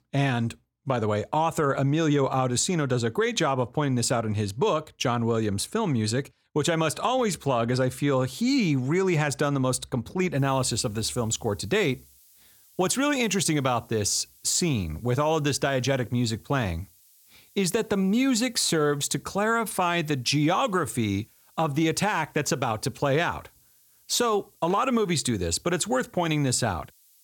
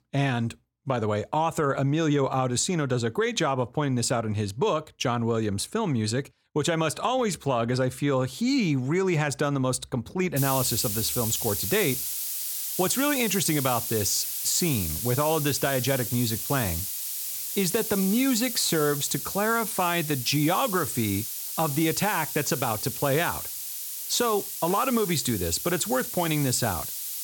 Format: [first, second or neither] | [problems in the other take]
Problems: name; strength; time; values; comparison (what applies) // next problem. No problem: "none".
first | hiss; loud; from 10 s on; 4 dB below the speech; faint in the first